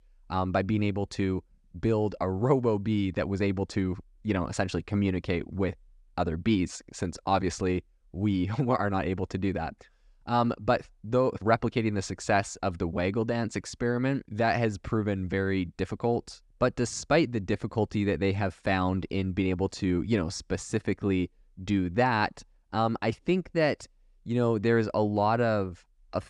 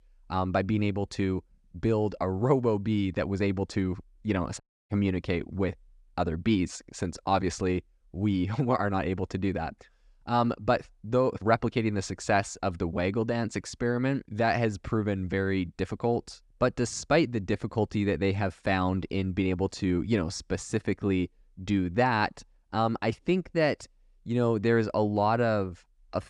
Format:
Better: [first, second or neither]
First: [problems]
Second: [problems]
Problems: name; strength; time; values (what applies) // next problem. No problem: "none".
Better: first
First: none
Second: audio cutting out; at 4.5 s